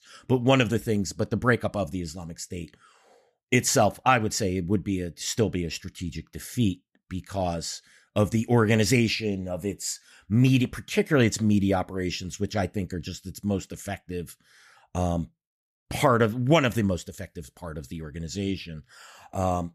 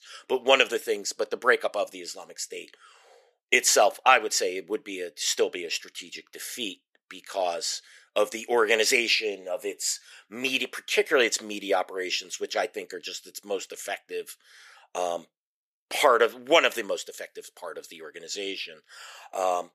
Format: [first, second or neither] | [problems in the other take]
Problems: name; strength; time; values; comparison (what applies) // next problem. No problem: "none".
first | thin; very; fading below 450 Hz